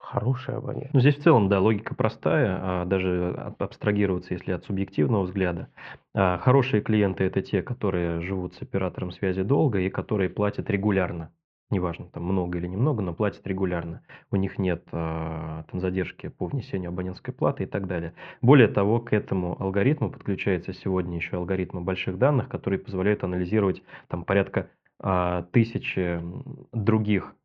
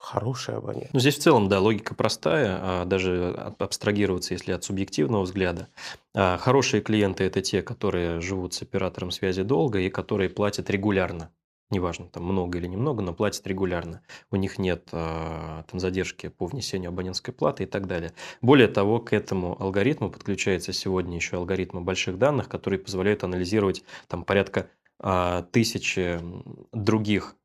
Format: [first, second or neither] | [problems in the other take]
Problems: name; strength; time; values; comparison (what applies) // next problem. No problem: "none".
second | muffled; very; fading above 2.5 kHz